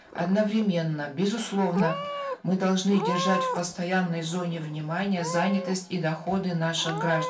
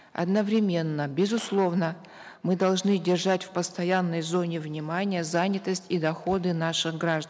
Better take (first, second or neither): second